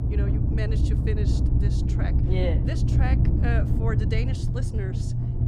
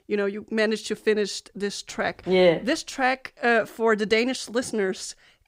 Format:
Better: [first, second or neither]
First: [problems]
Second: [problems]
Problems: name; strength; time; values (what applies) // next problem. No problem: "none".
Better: second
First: low rumble; loud; throughout; 1 dB below the speech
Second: none